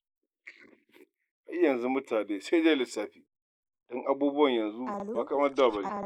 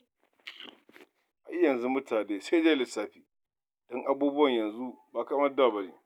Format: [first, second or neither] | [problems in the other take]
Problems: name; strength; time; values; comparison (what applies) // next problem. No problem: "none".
second | noise reduction (neural mask model Resemble Enhance denoiser)